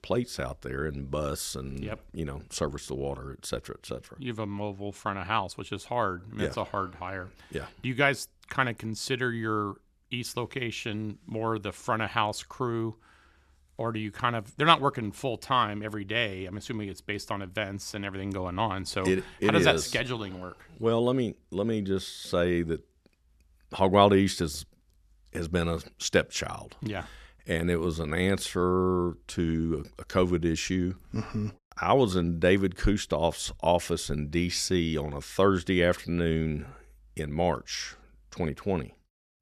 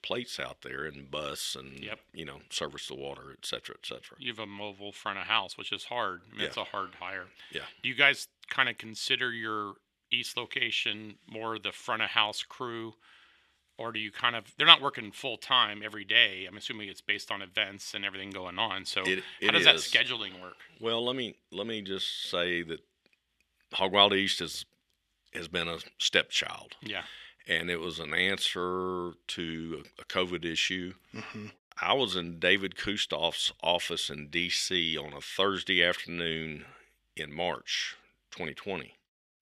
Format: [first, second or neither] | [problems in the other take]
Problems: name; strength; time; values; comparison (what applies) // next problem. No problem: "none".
first | thin; somewhat; fading below 350 Hz